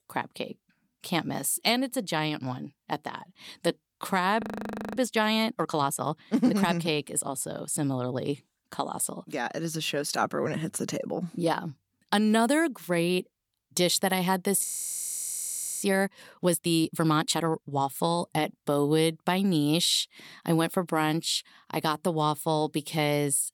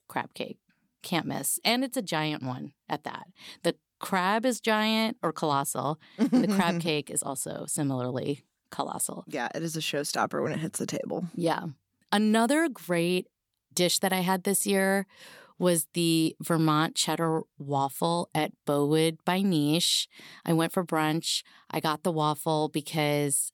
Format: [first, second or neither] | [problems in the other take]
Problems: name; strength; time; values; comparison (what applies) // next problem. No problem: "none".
second | audio freezing; at 4.5 s for 0.5 s and at 15 s for 1 s